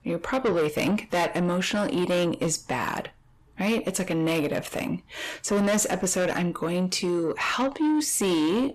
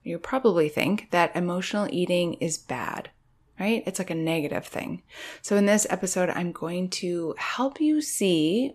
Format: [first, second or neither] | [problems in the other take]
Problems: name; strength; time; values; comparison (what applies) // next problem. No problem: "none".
second | distortion; heavy; 7 dB below the speech